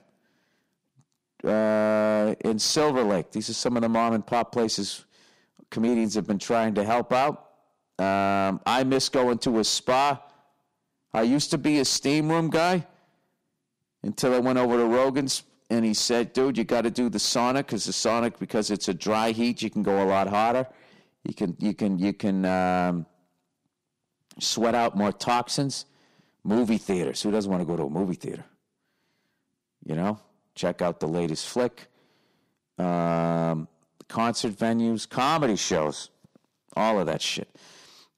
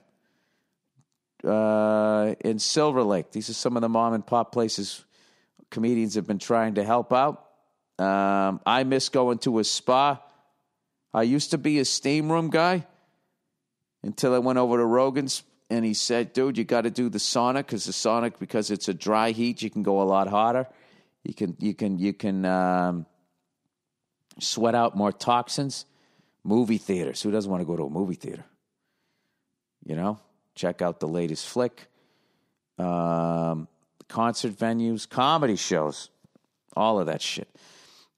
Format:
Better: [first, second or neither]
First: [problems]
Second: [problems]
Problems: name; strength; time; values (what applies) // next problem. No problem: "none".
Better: second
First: distortion; slight; 6% of the sound clipped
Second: none